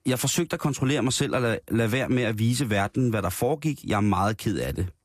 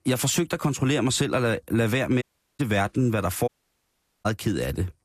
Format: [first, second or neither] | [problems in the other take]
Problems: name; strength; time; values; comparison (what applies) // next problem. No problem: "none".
first | audio cutting out; at 2 s and at 3.5 s for 1 s